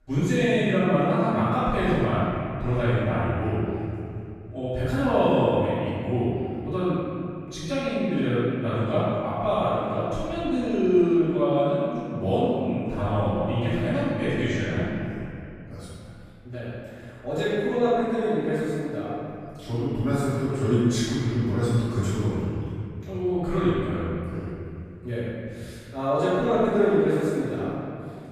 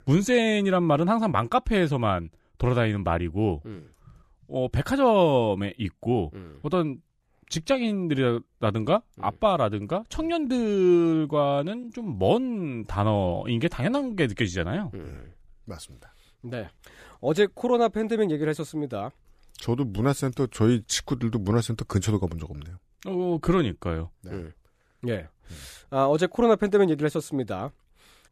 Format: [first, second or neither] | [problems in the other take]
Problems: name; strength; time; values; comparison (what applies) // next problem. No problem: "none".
second | off-mic speech; far // room echo; strong; dies away in 2.5 s